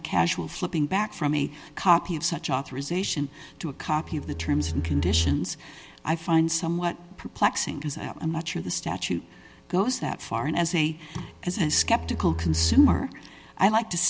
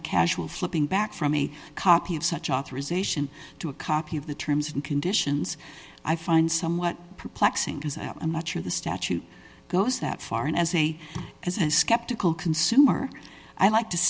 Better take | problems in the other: second | background sound (Bowed string instrument); 3 dB below the speech

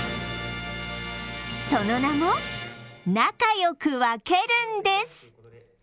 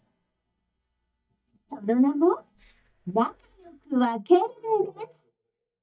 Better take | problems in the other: first | noise reduction (neural mask model DeepFilterNet 3)

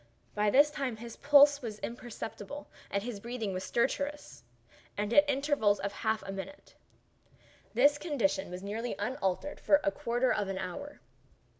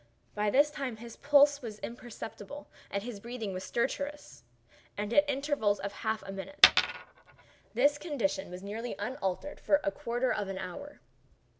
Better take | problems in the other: first | background sound (Coin (dropping)); 2 dB above the speech

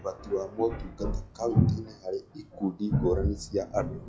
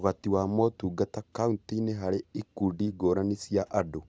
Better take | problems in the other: second | noise reduction (classical method log-MMSE)

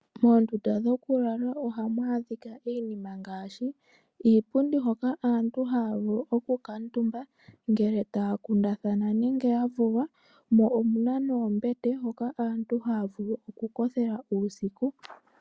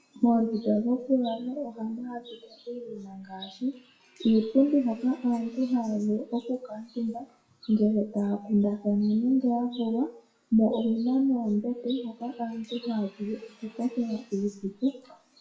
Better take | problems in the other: first | noise reduction (classical method WPE with log-MMSE)

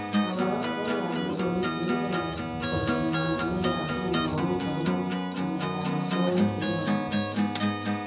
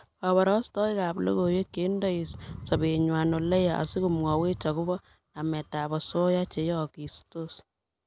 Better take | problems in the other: second | background sound (Acoustic guitar); 3 dB above the speech // room echo; dies away in 1.1 s

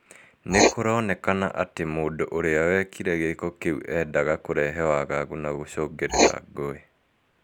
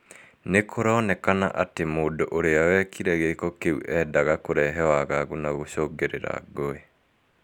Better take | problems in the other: second | background sound (Writing); 4 dB below the speech

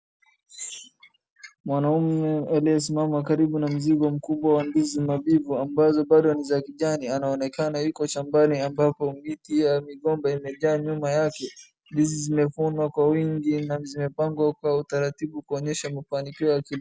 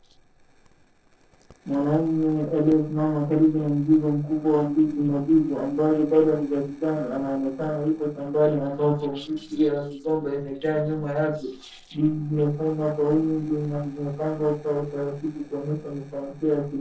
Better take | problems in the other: first | noise reduction (neural separator model SepFormer DNS4)

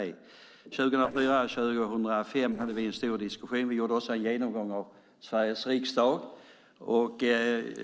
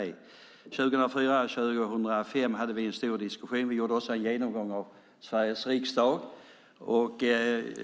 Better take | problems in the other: second | noise reduction (neural separator model SepFormer DNS4)

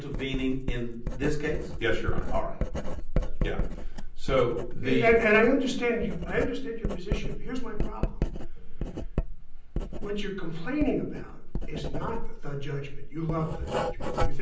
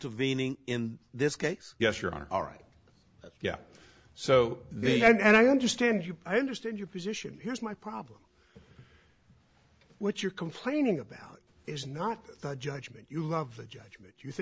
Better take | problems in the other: second | background sound (Writing); 2 dB above the speech // room echo; dies away in 0.6 s

